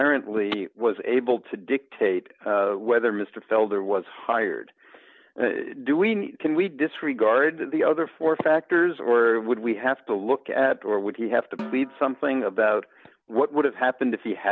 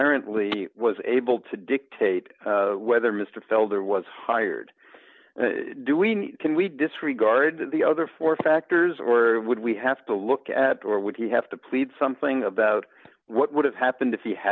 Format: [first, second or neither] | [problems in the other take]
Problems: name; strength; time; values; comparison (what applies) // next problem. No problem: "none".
second | background sound (Snare drum); 19 dB below the speech